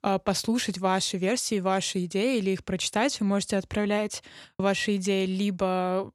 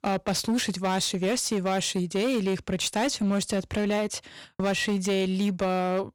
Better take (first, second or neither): first